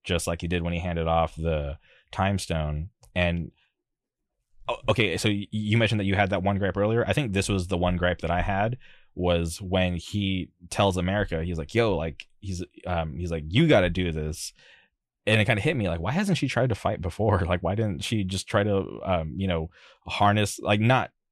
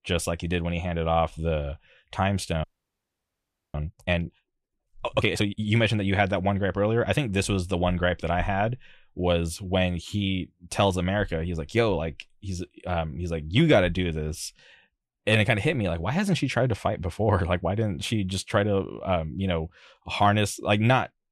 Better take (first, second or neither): first